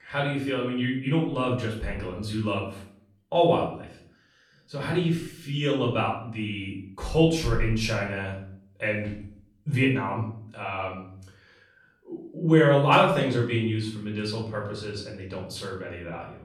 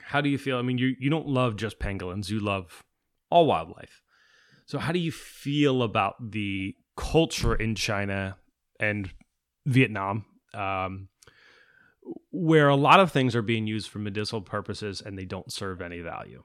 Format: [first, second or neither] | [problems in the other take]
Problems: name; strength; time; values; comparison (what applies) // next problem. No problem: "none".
second | off-mic speech; far // room echo; noticeable; dies away in 0.5 s